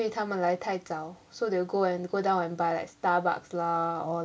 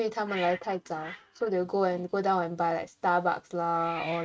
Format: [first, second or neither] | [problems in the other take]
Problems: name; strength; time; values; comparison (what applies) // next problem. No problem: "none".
first | noise reduction (neural mask model RNNoise)